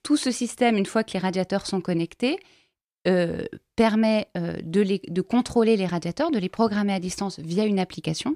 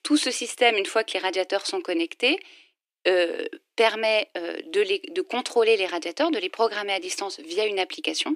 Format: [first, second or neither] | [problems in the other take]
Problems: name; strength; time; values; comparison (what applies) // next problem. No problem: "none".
first | thin; somewhat; fading below 300 Hz